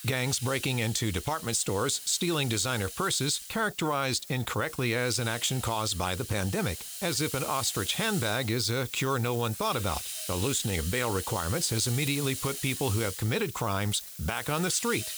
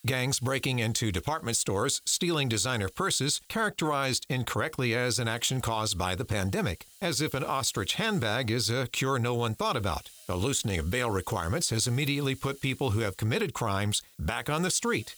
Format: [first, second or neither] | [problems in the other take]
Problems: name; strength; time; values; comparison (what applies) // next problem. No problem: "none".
second | hiss; loud; throughout; 8 dB below the speech; faint in the second